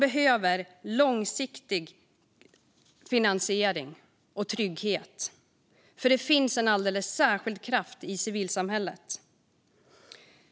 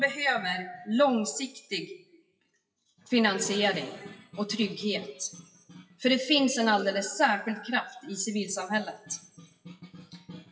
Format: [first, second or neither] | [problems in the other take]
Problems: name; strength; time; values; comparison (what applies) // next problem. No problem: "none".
first | noise reduction (classical method WPE with log-MMSE)